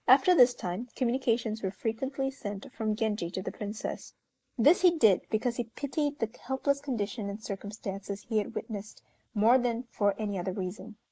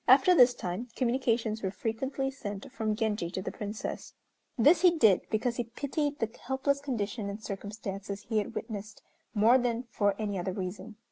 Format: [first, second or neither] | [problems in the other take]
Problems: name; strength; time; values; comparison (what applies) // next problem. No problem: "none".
second | noise reduction (neural mask model Resemble Enhance denoiser)